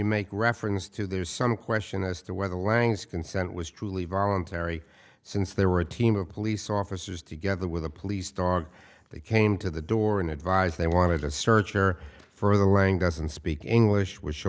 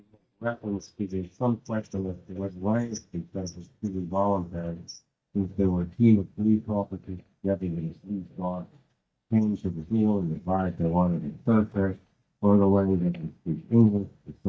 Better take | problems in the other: first | noise reduction (neural mask model DeepFilterNet 3)

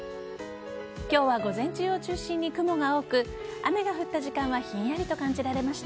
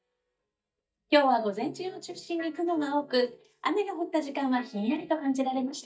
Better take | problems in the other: first | noise reduction (neural mask model DeepFilterNet 3)

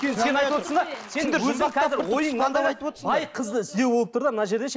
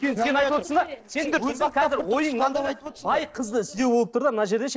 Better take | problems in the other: first | noise reduction (neural separator model SepFormer DNS4)

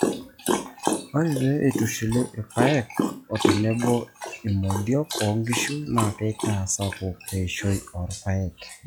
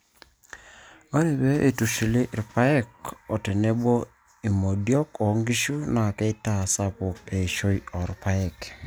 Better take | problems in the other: second | noise reduction (classical method log-MMSE)

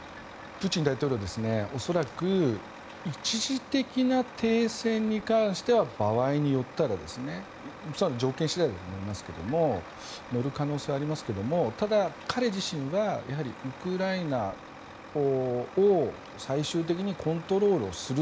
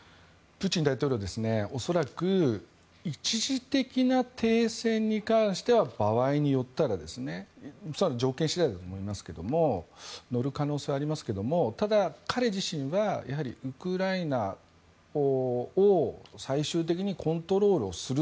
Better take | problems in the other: second | background sound (Truck); 16 dB below the speech

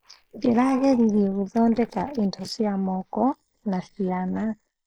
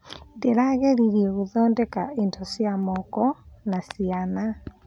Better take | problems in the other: second | noise reduction (neural mask model Resemble Enhance denoiser)

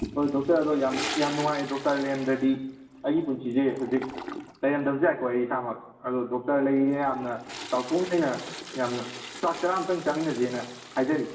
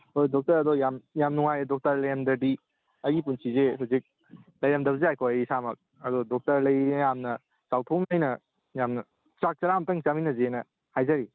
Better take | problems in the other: second | background sound (Toilet flush); 13 dB below the speech // room echo; dies away in 1 s

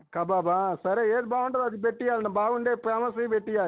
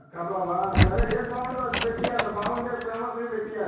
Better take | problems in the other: first | background sound (Door); 1 dB above the speech // room echo; dies away in 1.1 s

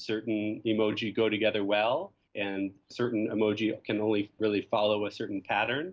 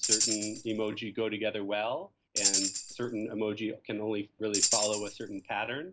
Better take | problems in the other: first | background sound (Tambourine); 2 dB above the speech

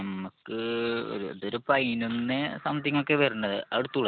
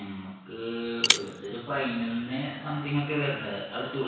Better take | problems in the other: first | background sound (Shatter); as loud as the speech // room echo; dies away in 1.1 s

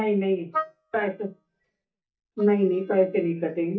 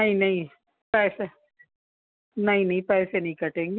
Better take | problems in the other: second | noise reduction (neural mask model DeepFilterNet 3)

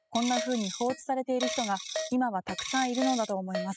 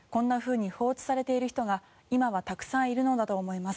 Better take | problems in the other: second | noise reduction (classical method spectral subtraction)

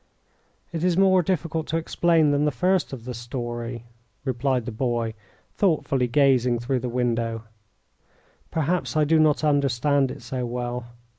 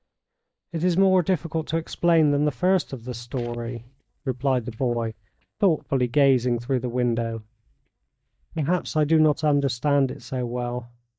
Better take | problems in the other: first | noise reduction (neural mask model DeepFilterNet 3)

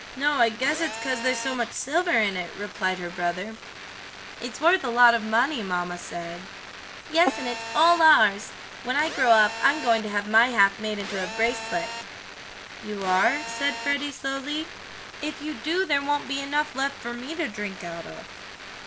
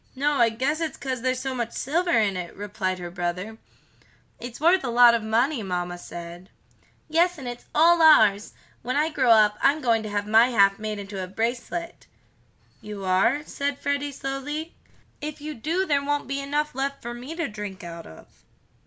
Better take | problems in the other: second | background sound (Telephone); 11 dB below the speech

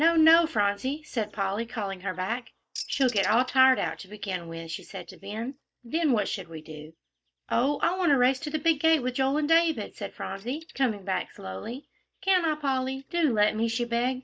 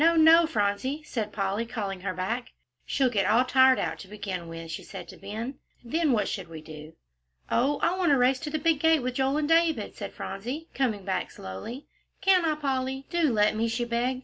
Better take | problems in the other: second | noise reduction (neural mask model DeepFilterNet 3)

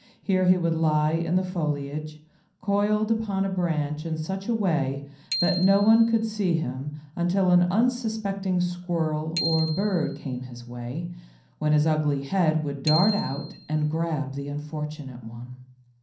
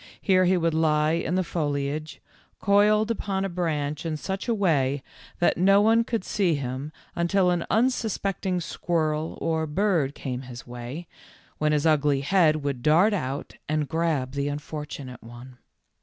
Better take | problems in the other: second | background sound (Bicycle bell); 13 dB below the speech // room echo; dies away in 0.6 s

